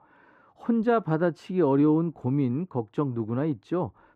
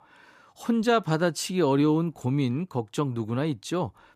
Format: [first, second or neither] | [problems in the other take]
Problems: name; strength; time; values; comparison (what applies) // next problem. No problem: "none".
second | muffled; very; fading above 3.5 kHz